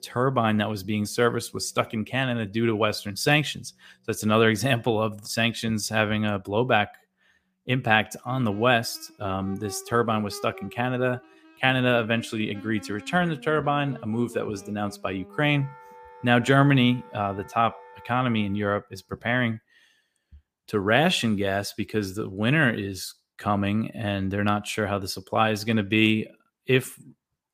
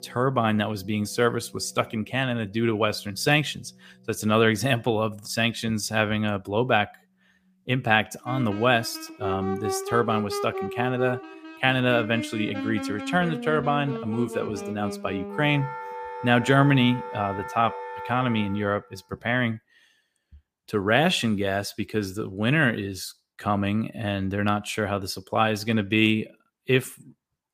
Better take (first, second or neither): first